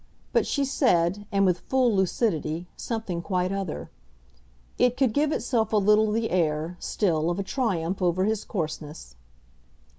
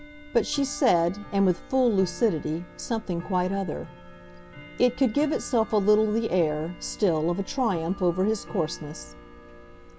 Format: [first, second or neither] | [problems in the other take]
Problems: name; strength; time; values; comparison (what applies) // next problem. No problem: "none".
first | background sound (Tick-tock / Bell); 19 dB below the speech